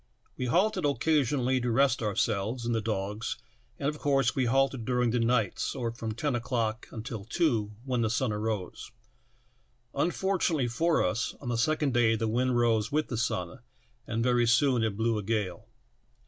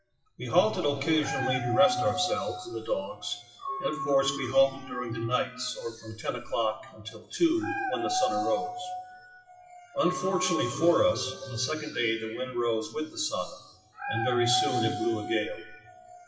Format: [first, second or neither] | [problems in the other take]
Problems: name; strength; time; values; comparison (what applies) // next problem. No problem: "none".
first | noise reduction (classical method WPE with log-MMSE)